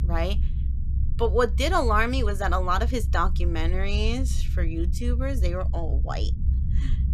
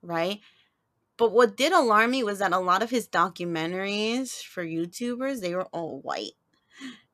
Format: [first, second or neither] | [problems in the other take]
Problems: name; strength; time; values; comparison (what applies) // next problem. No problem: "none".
second | low rumble; noticeable; throughout; 20 dB below the speech